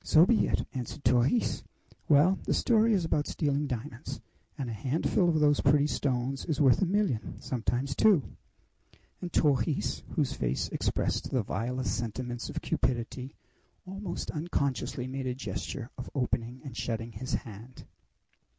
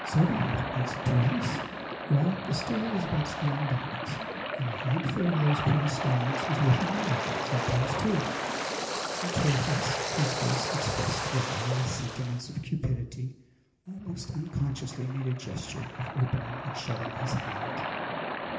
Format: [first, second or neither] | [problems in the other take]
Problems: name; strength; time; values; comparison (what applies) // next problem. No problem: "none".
first | background sound (Waves, surf); 4 dB below the speech // room echo; dies away in 1.4 s